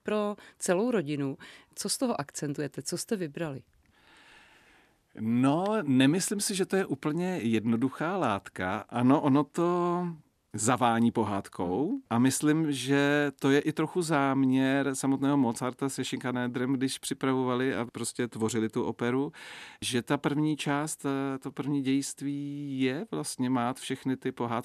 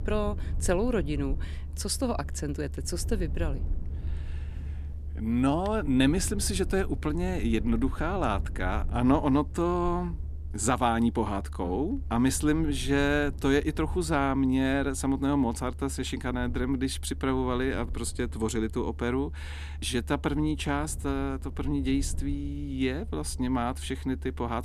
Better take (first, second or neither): first